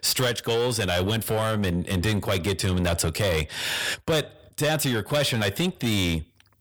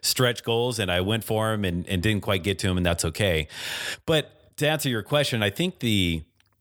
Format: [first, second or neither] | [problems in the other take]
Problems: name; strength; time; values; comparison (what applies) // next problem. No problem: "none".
second | distortion; heavy; 8 dB below the speech